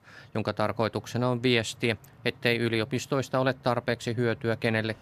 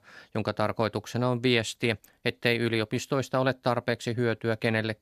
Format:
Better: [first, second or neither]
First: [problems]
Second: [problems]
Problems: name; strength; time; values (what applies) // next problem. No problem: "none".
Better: second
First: train or aircraft noise; faint; throughout; 25 dB below the speech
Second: none